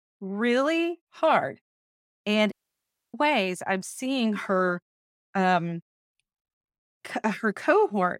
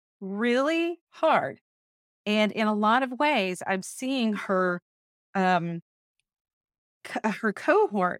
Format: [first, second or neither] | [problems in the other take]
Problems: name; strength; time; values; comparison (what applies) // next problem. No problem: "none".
second | audio cutting out; at 2.5 s for 0.5 s